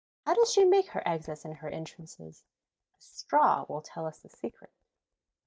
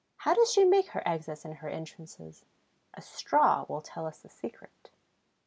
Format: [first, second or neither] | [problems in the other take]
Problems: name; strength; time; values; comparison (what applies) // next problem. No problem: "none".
second | noise reduction (neural mask model DeepFilterNet 3)